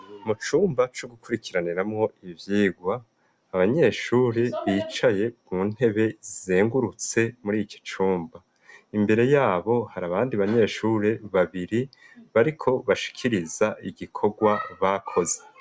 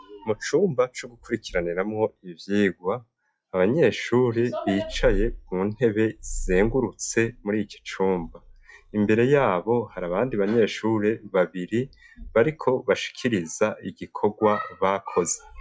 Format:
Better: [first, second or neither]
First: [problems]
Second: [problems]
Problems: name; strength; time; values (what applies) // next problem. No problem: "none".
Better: first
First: none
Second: noise reduction (classical method log-MMSE)